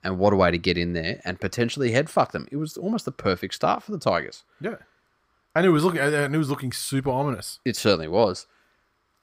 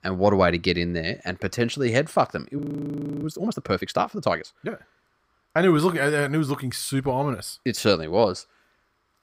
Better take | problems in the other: first | audio freezing; at 2.5 s for 0.5 s

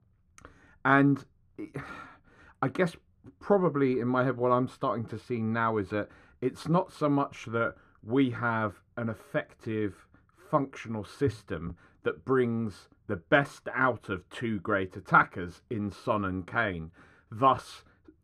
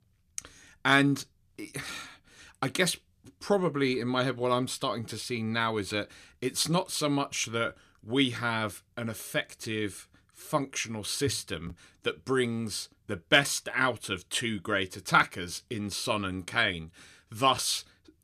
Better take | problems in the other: second | muffled; very; fading above 2.5 kHz

